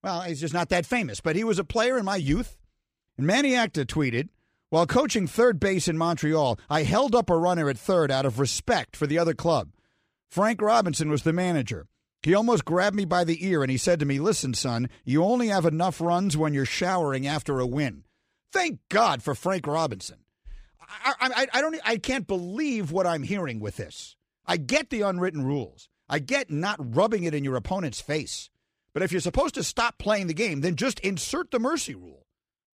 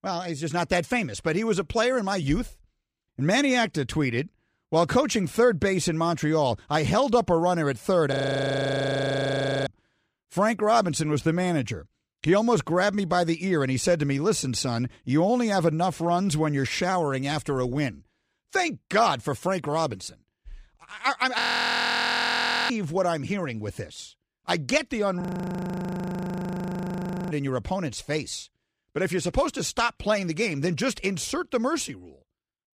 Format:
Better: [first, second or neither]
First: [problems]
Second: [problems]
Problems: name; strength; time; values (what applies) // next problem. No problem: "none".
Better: first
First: none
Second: audio freezing; at 8 s for 1.5 s, at 21 s for 1.5 s and at 25 s for 2 s